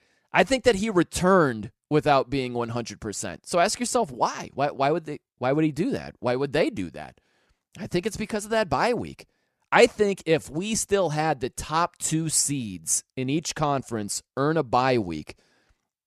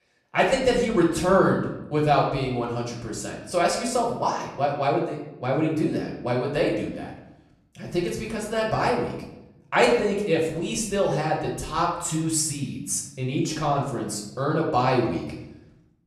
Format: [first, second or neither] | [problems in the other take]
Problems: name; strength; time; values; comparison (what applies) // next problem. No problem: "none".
first | off-mic speech; far // room echo; noticeable; dies away in 0.8 s